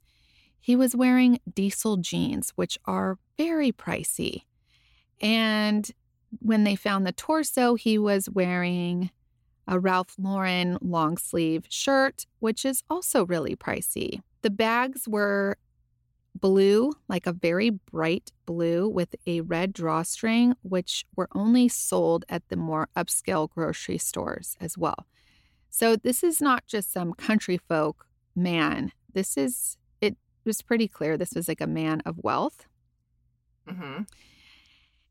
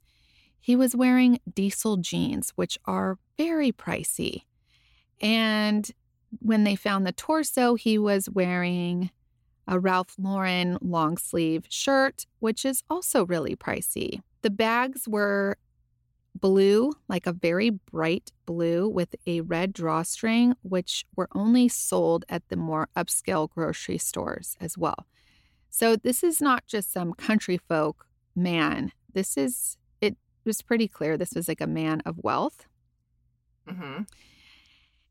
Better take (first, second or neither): neither